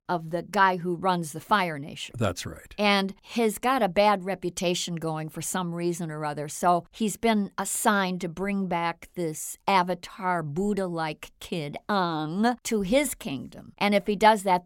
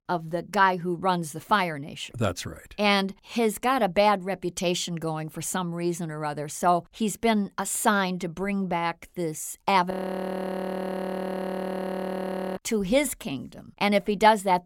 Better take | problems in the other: first | audio freezing; at 10 s for 2.5 s

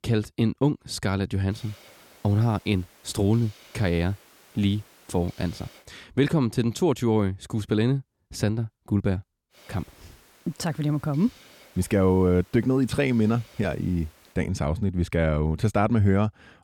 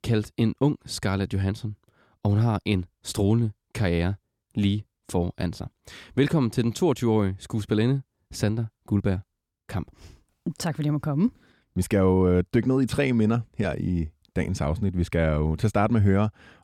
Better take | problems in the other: second | hiss; faint; from 1.5 to 6 s and from 9.5 to 14 s; 25 dB below the speech

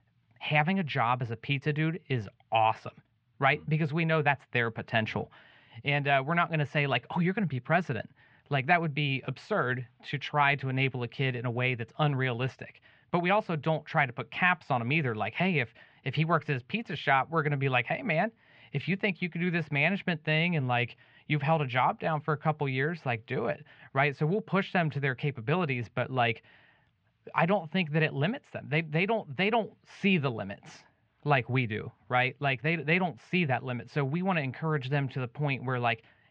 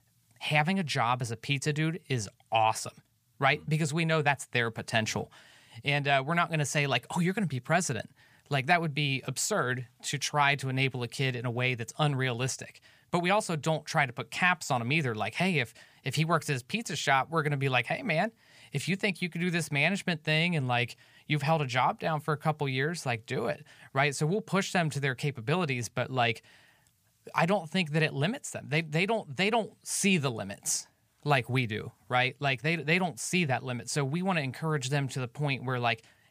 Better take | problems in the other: second | muffled; very; fading above 3 kHz

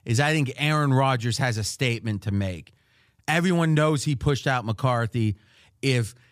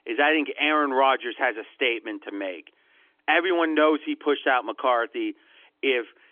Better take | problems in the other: first | phone-call audio; nothing above 3.5 kHz

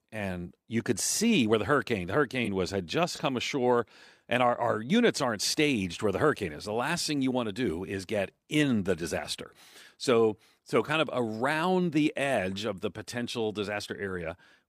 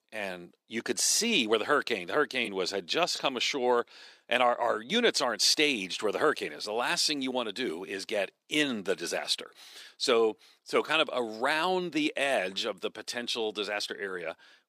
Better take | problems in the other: first | thin; very slightly; fading below 350 Hz

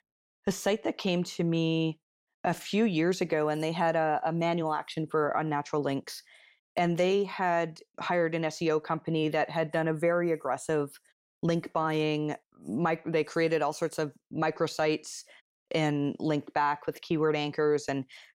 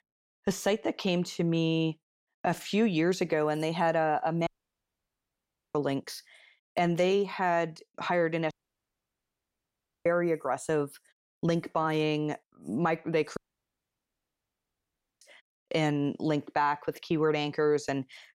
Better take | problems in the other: first | audio cutting out; at 4.5 s for 1.5 s, at 8.5 s for 1.5 s and at 13 s for 2 s

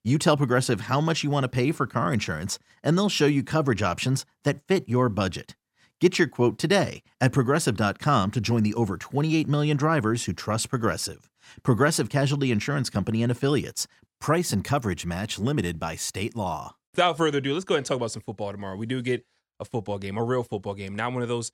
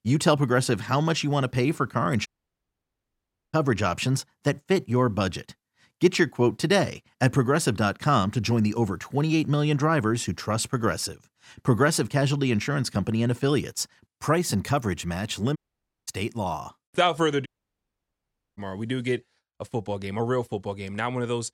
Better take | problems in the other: first | audio cutting out; at 2.5 s for 1.5 s, at 16 s for 0.5 s and at 17 s for 1 s

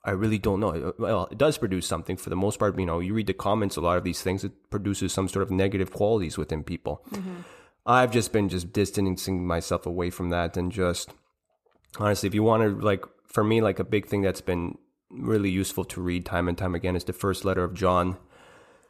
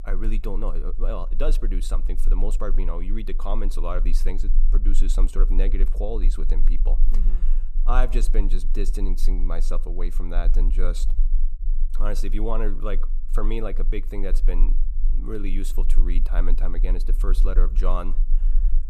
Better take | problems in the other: first | low rumble; noticeable; throughout; 20 dB below the speech

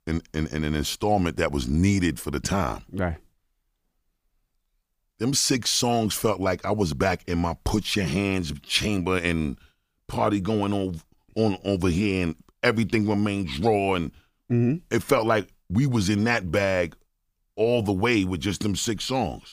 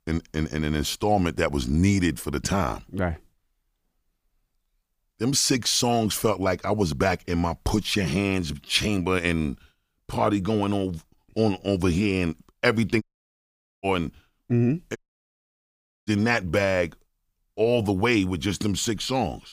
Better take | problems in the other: first | audio cutting out; at 13 s for 1 s and at 15 s for 1 s

